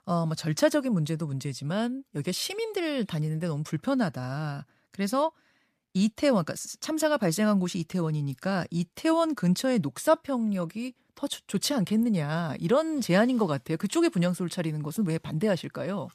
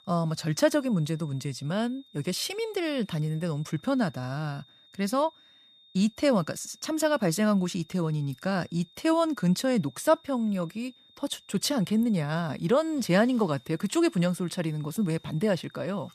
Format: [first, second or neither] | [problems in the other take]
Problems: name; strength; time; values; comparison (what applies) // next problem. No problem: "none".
first | high-pitched whine; faint; throughout; 3.5 kHz, 30 dB below the speech